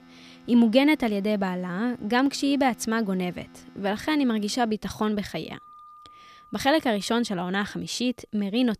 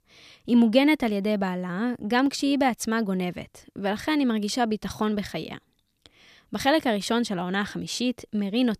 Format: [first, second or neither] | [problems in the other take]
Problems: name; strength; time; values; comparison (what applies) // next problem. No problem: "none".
second | background music; faint; throughout; 25 dB below the speech